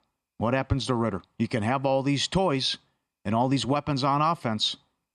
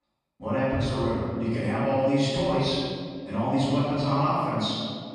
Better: first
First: none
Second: off-mic speech; far // room echo; strong; dies away in 2 s

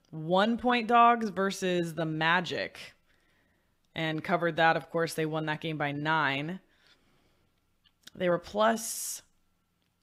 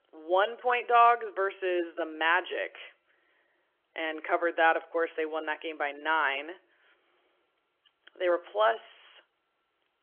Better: first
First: none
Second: phone-call audio; nothing above 3.5 kHz

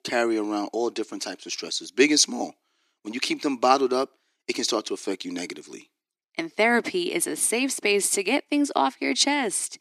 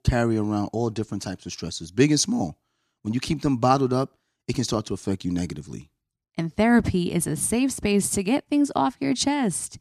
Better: second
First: thin; very slightly; fading below 350 Hz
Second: none

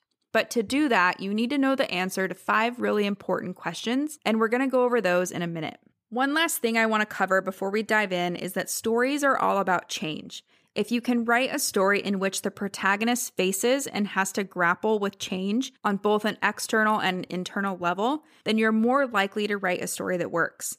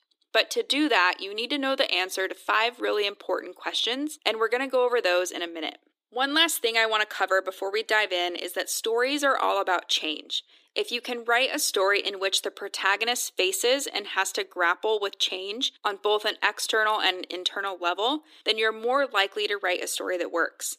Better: first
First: none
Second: thin; somewhat; fading below 300 Hz

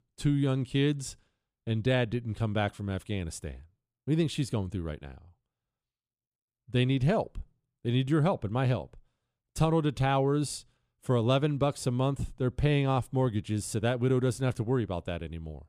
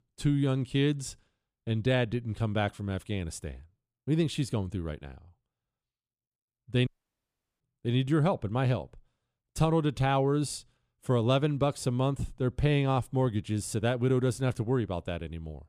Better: first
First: none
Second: audio cutting out; at 7 s for 0.5 s

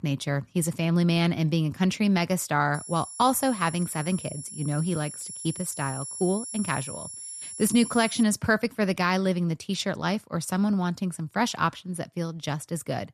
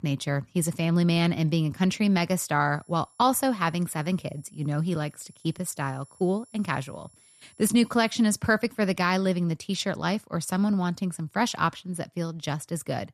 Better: second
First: high-pitched whine; loud; from 2.5 to 8 s; 10.5 kHz, 10 dB below the speech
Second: high-pitched whine; faint; from 2.5 to 8 s; 10.5 kHz, 30 dB below the speech

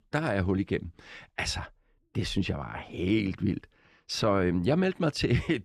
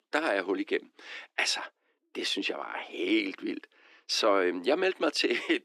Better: first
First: none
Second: thin; somewhat; fading below 300 Hz

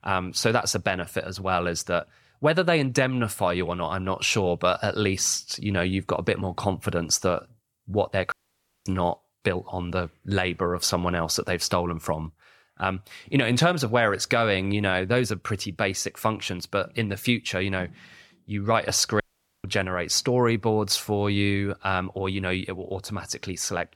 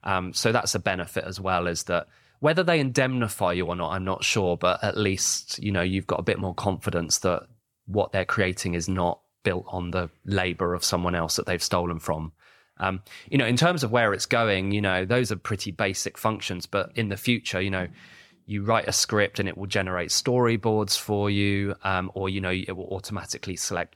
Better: second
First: audio cutting out; at 8.5 s for 0.5 s and at 19 s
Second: none

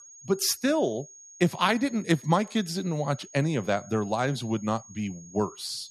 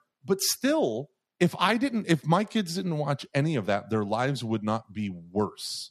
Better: second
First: high-pitched whine; noticeable; throughout; 6.5 kHz, 20 dB below the speech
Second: none

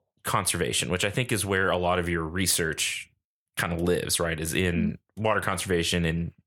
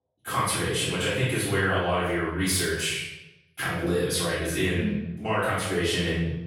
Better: first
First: none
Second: room echo; strong; dies away in 0.8 s // off-mic speech; far

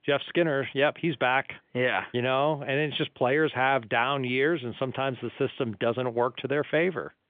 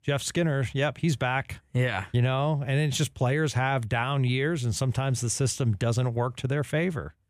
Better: second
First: phone-call audio; nothing above 3.5 kHz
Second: none

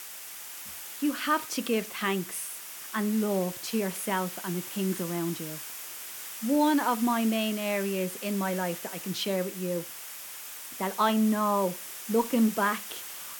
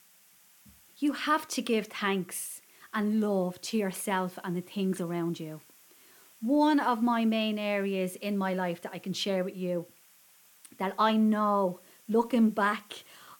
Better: second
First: hiss; loud; throughout; 9 dB below the speech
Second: hiss; faint; throughout; 25 dB below the speech

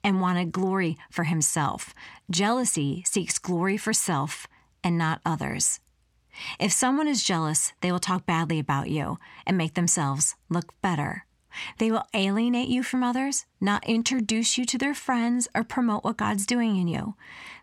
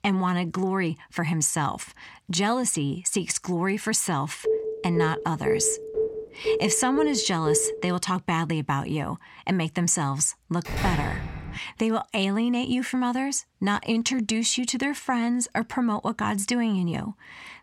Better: first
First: none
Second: phone ringing; noticeable; from 4.5 to 8 s; peak 1 dB below the speech // door banging; noticeable; at 11 s; peak 3 dB below the speech

